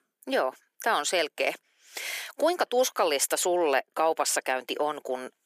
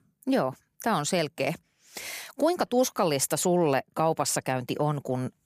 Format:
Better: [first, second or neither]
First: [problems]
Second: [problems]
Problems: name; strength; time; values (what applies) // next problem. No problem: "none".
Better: second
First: thin; somewhat; fading below 350 Hz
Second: none